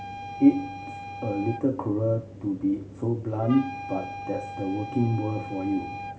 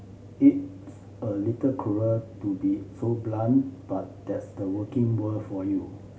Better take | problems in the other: second | background sound (Wind instrument, woodwind instrument); 12 dB below the speech

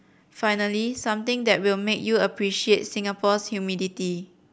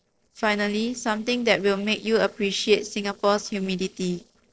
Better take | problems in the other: first | noise reduction (neural separator model SepFormer DNS4)

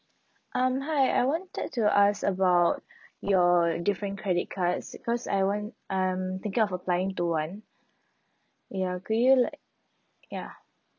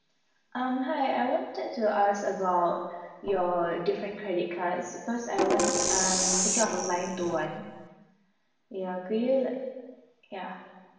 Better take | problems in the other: first | background sound (Percussion); 2 dB above the speech // room echo; dies away in 1.2 s

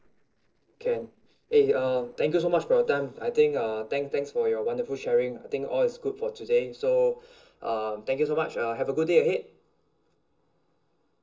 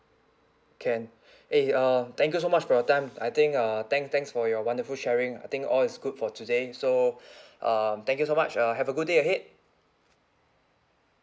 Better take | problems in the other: second | noise reduction (neural separator model SepFormer DNS4)

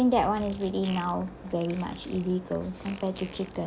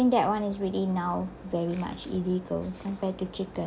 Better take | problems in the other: second | background sound (Fart); 18 dB below the speech

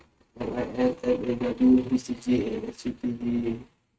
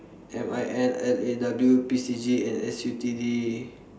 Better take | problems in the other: second | noise reduction (neural mask model RNNoise)

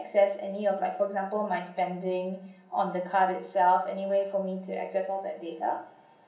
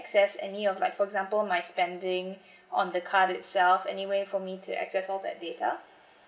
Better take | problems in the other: second | room echo; dies away in 0.6 s

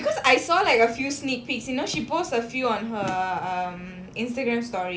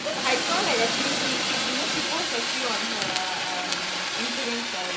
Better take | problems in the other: first | background sound (Fire); 5 dB above the speech

